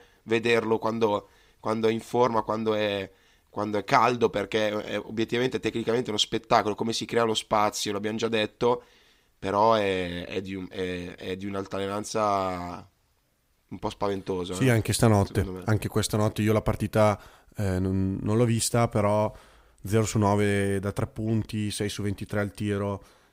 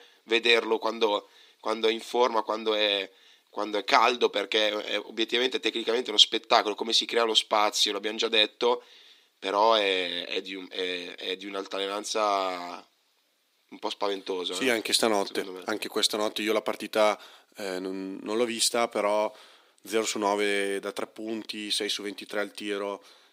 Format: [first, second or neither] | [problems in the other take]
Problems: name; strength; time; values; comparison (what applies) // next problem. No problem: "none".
first | thin; somewhat; fading below 300 Hz